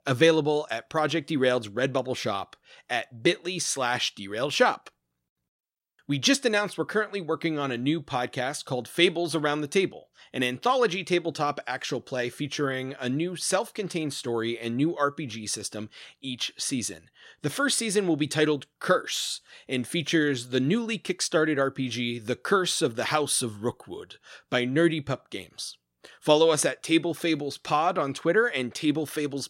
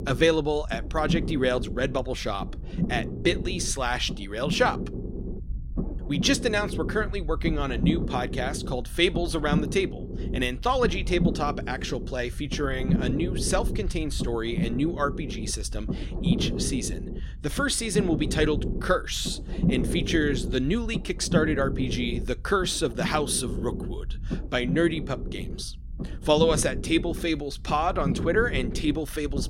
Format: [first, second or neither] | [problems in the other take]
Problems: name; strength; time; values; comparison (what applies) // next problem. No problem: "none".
first | low rumble; noticeable; throughout; 10 dB below the speech